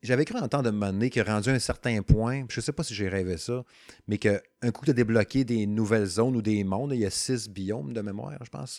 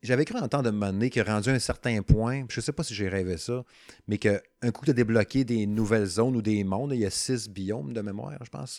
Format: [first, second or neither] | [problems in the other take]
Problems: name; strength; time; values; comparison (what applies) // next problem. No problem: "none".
first | household noises; very faint; throughout; 30 dB below the speech